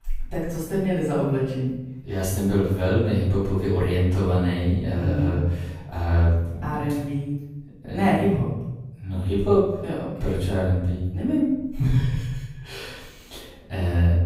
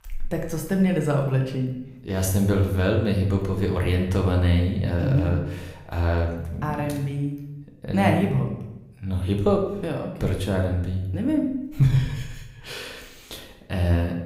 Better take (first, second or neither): second